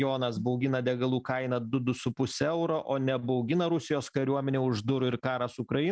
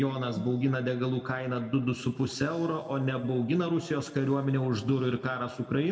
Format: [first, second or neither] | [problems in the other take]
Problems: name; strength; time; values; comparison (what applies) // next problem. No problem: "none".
first | room echo; dies away in 1.6 s